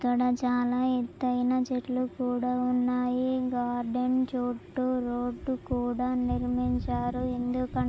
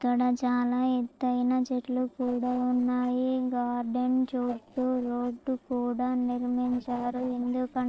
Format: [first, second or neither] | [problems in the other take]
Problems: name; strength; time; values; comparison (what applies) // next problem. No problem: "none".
first | noise reduction (neural separator model SepFormer DNS4)